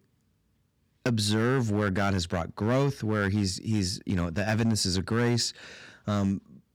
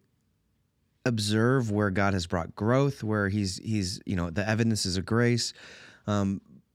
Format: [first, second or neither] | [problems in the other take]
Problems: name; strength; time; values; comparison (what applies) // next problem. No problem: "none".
second | distortion; slight; 5% of the sound clipped